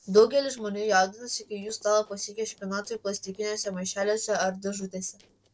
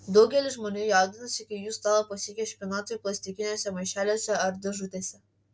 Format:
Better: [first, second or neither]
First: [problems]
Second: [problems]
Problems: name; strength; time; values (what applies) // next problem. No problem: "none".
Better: second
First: noise reduction (neural separator model SepFormer DNS4)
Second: none